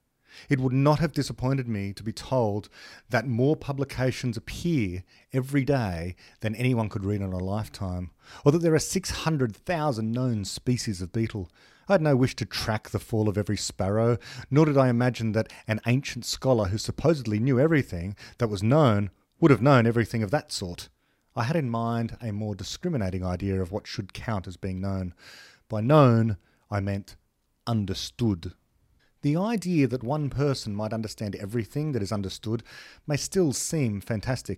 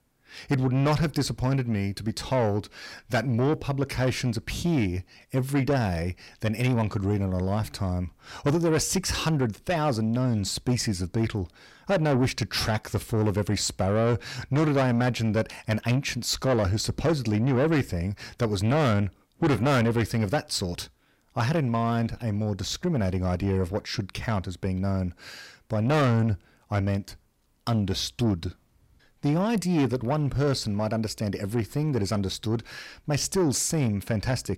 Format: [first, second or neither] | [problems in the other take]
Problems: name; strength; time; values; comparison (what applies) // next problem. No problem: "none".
first | distortion; heavy; 8 dB below the speech